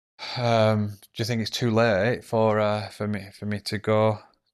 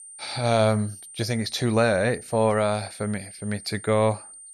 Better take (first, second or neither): first